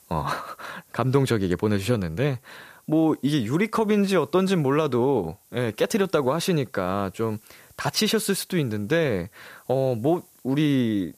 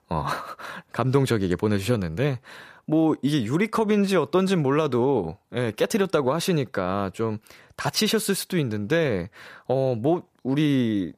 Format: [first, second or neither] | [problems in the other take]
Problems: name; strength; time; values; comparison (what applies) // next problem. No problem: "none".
second | hiss; faint; throughout; 30 dB below the speech